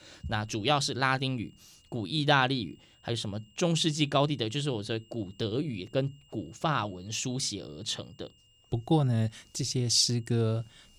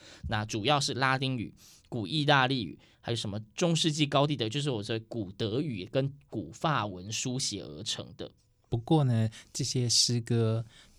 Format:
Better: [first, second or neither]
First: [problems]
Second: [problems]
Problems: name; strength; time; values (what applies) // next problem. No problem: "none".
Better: second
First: high-pitched whine; faint; throughout; 3 kHz, 30 dB below the speech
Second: none